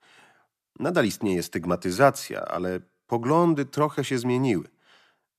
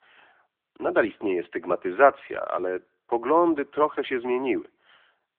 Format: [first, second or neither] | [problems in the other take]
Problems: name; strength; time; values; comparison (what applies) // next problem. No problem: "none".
first | phone-call audio